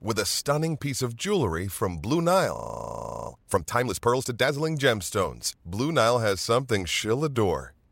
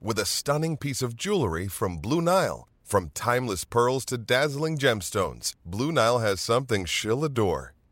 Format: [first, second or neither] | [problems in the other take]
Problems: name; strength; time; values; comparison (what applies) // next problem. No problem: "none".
second | audio freezing; at 2.5 s for 0.5 s